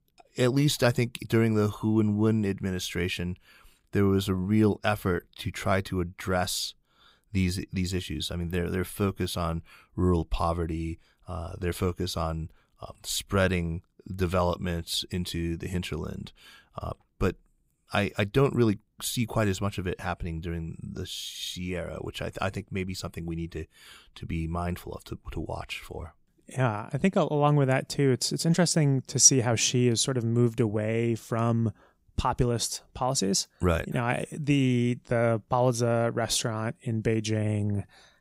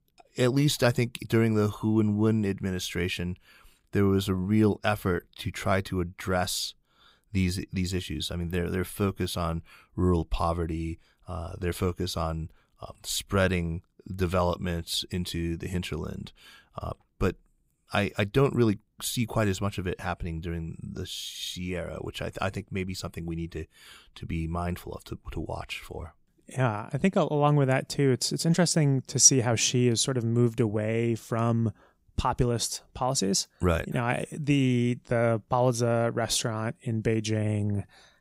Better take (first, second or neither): neither